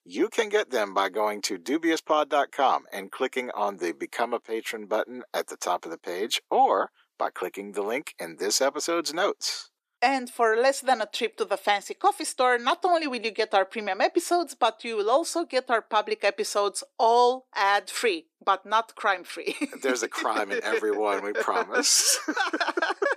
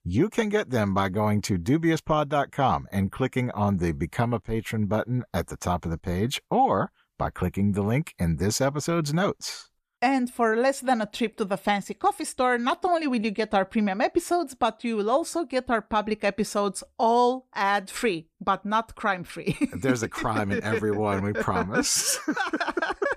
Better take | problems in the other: second | thin; somewhat; fading below 300 Hz

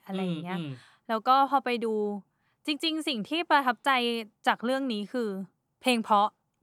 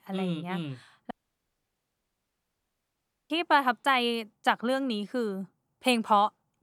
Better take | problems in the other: first | audio cutting out; at 1 s for 2 s

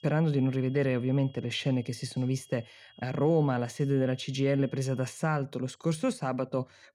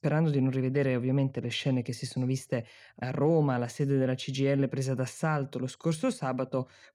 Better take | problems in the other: second | high-pitched whine; faint; until 5 s; 3.5 kHz, 30 dB below the speech

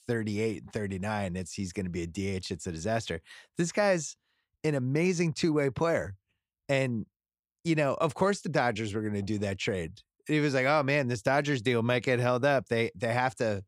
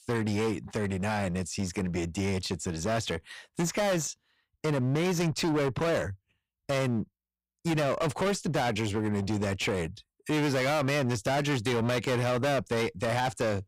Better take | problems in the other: first | distortion; heavy; 26% of the sound clipped

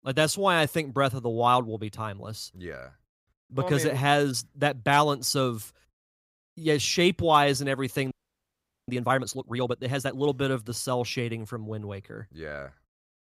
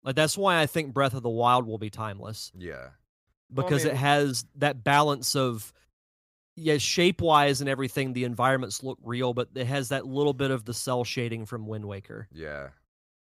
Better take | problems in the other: second | audio freezing; at 8 s for 1 s

